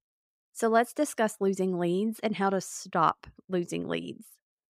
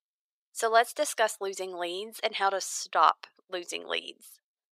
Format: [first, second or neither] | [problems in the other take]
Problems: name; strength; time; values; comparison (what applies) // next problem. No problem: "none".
first | thin; very; fading below 550 Hz